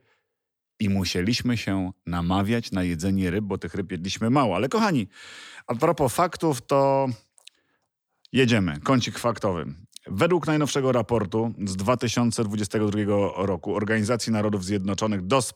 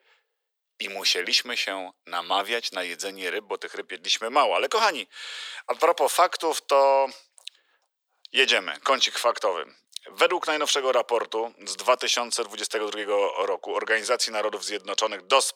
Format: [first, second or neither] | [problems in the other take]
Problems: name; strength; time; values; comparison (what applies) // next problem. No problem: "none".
first | thin; very; fading below 450 Hz